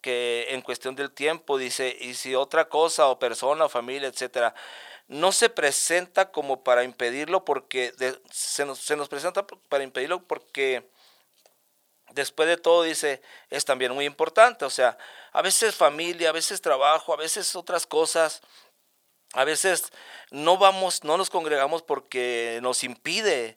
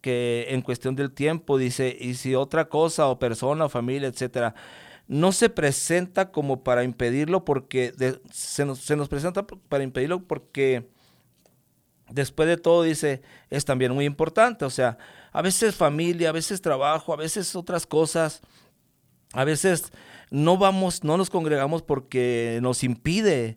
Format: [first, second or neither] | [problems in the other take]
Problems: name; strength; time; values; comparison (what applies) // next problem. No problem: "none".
second | thin; very; fading below 650 Hz